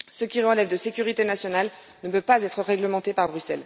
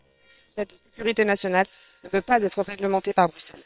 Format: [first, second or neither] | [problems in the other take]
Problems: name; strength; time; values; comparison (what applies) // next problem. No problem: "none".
first | noise reduction (neural separator model SepFormer WHAM!)